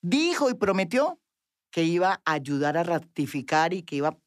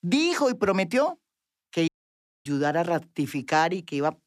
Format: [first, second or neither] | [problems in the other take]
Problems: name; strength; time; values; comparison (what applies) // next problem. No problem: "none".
first | audio cutting out; at 2 s for 0.5 s